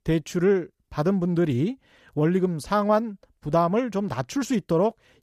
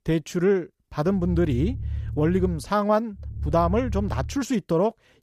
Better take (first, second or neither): first